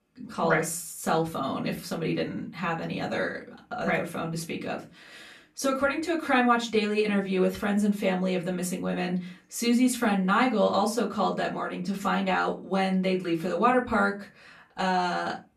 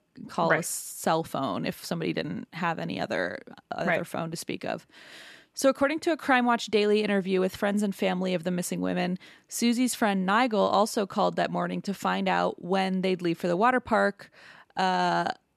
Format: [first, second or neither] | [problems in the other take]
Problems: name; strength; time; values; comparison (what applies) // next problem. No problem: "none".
second | off-mic speech; far // room echo; very slight; dies away in 0.2 s